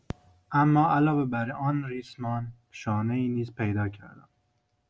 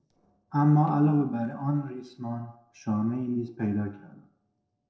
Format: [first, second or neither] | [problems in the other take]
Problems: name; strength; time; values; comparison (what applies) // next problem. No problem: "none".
first | noise reduction (neural separator model SepFormer DNS4)